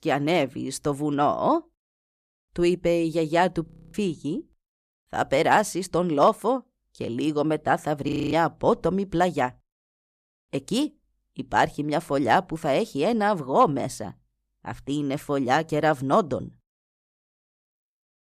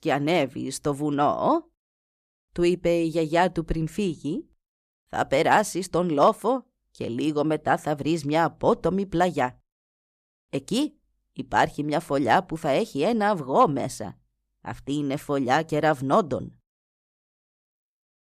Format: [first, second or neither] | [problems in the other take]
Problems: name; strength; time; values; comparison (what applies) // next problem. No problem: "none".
second | audio freezing; at 3.5 s and at 8 s